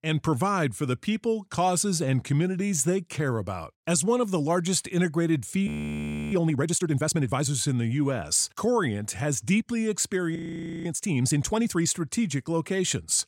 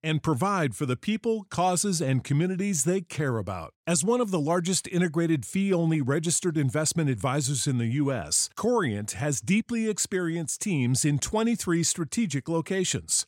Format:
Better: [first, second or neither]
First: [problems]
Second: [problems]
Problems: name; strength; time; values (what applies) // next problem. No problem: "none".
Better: second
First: audio freezing; at 5.5 s for 0.5 s and at 10 s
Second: none